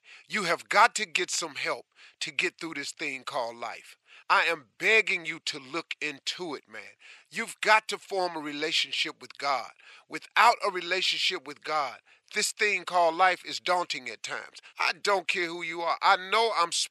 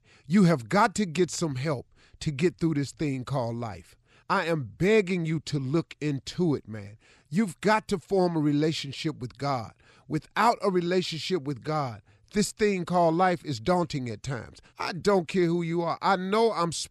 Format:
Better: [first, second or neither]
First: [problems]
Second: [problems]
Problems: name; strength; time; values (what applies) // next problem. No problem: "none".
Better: second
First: thin; very; fading below 700 Hz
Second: none